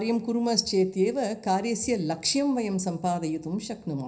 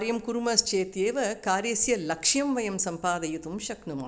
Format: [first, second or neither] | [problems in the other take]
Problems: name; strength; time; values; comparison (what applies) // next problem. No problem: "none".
second | room echo; dies away in 0.4 s